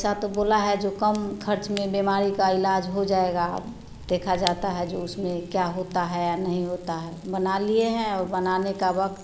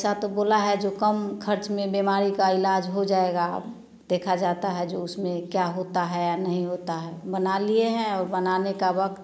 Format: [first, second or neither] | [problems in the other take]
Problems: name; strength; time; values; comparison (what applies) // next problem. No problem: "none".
second | background sound (Fire / Rain); 17 dB below the speech